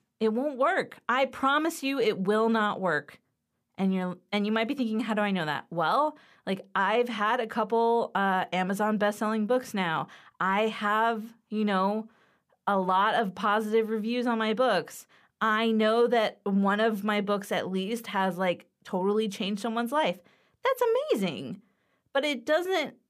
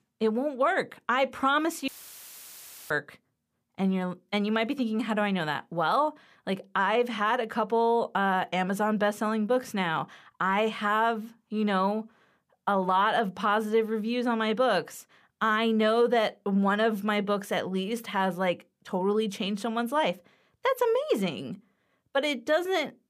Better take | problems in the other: first | audio cutting out; filled with static; at 2 s for 1 s

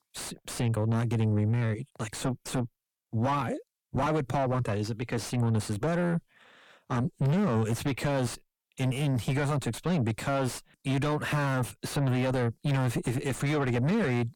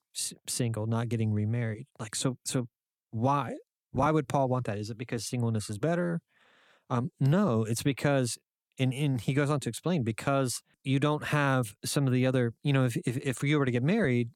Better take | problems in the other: second | distortion; heavy; 5 dB below the speech

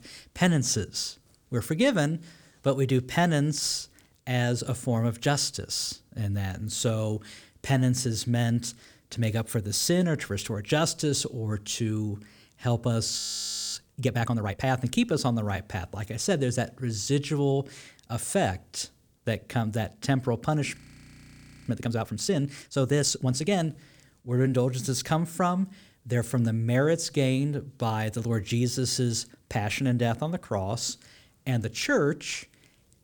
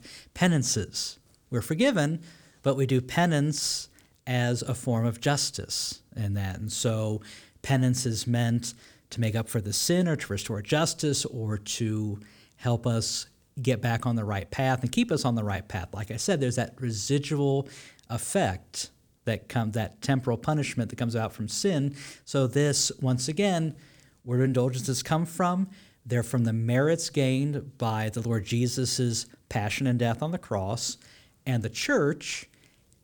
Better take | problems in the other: second | audio freezing; at 13 s for 0.5 s and at 21 s for 1 s

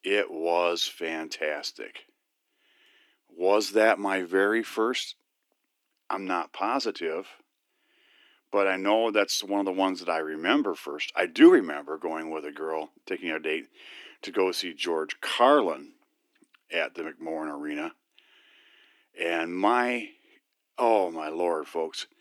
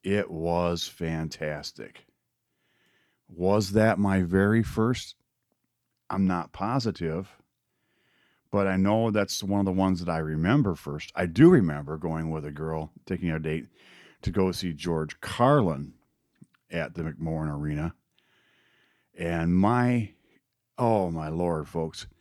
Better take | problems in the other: second | thin; somewhat; fading below 300 Hz

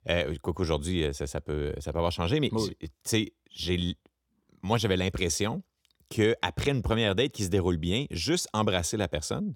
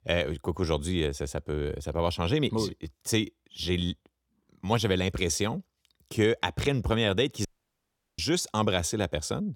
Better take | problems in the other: first | audio cutting out; at 7.5 s for 0.5 s

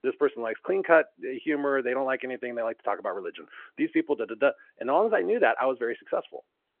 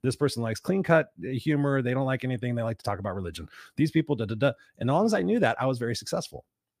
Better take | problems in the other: second | phone-call audio

